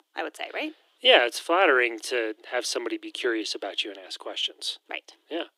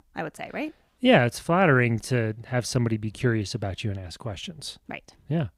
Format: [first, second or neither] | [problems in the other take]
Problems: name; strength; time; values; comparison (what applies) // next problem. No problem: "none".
second | thin; very; fading below 300 Hz